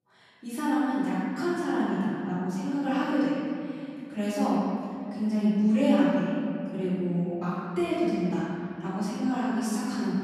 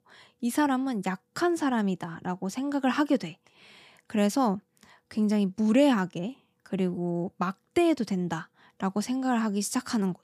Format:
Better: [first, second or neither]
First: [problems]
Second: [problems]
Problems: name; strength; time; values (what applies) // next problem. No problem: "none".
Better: second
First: off-mic speech; far // room echo; strong; dies away in 2.5 s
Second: none